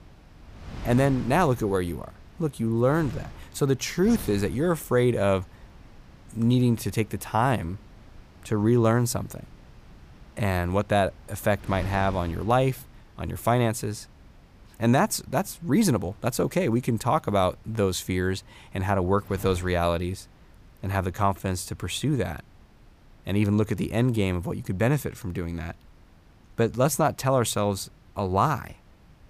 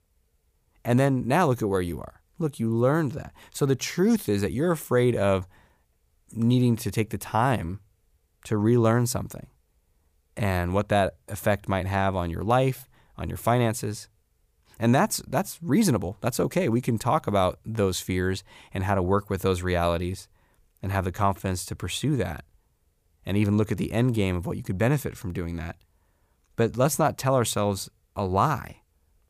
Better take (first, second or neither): second